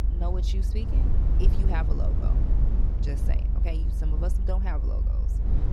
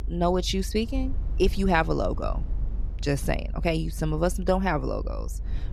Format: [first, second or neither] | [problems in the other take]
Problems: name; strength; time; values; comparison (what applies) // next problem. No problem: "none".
second | low rumble; loud; throughout; 3 dB below the speech; faint in the second